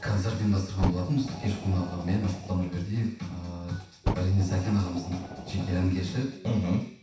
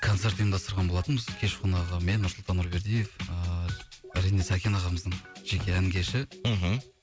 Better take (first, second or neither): second